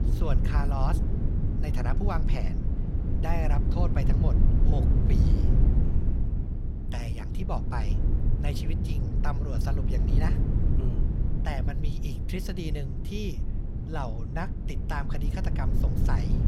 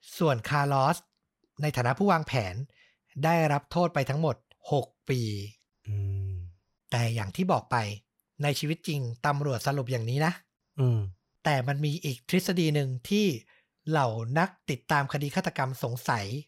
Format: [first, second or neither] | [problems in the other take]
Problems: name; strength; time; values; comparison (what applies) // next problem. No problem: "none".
second | low rumble; loud; throughout; 3 dB below the speech